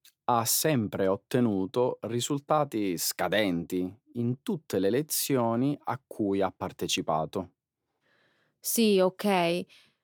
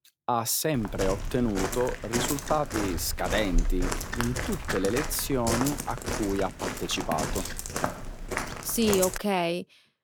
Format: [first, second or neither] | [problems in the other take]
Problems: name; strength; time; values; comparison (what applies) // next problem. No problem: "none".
first | footsteps; loud; from 1 to 9 s; peak level with the speech